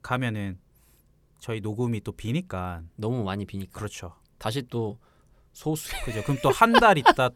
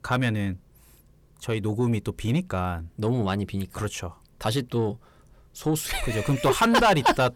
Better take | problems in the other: first | distortion; heavy; 7 dB below the speech

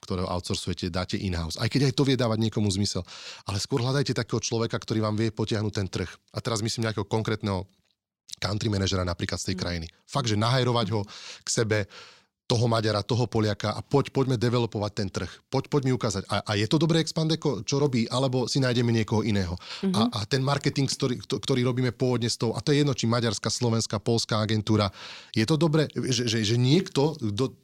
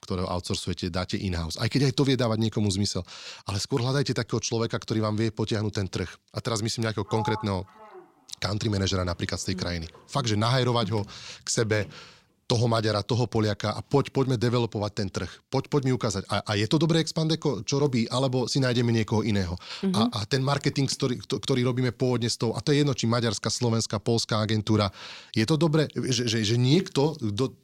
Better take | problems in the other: first | door banging; noticeable; from 7 to 12 s; peak 8 dB below the speech

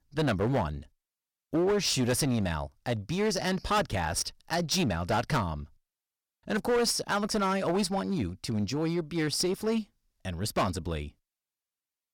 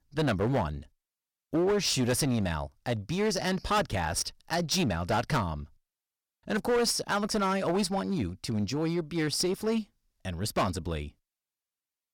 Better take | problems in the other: neither | distortion; heavy; 9% of the sound clipped; the same in both

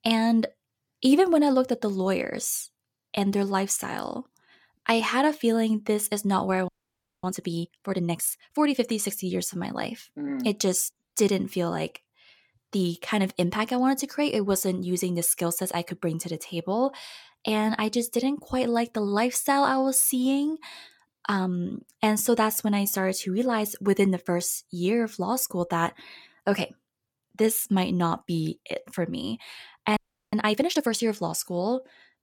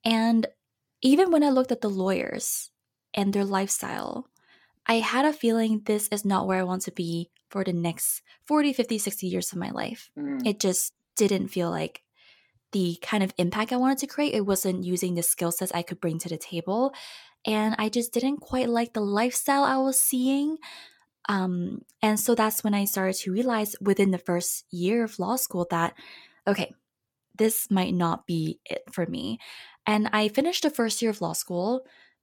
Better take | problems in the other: second | audio freezing; at 6.5 s for 0.5 s and at 30 s

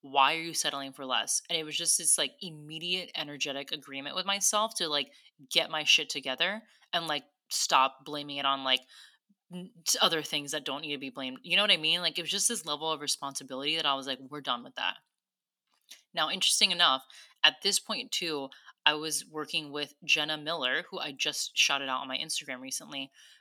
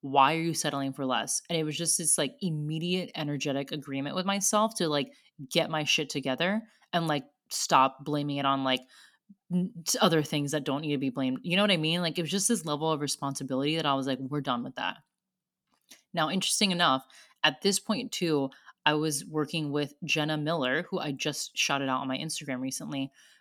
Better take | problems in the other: second | thin; somewhat; fading below 950 Hz

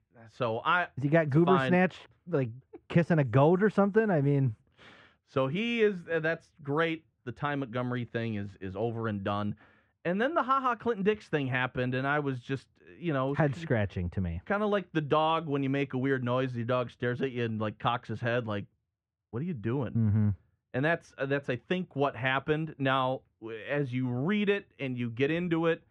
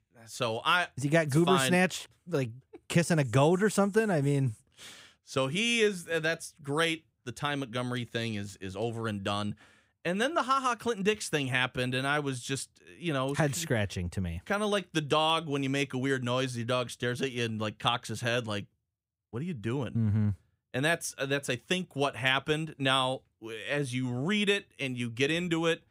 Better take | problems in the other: second | muffled; very; fading above 2 kHz

